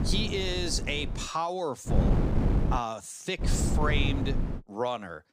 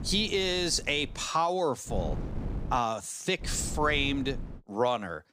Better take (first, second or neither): second